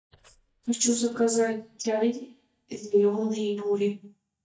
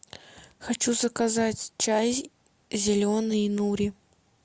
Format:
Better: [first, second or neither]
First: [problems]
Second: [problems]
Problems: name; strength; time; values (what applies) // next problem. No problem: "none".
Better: second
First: noise reduction (neural mask model DeepFilterNet 3)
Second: none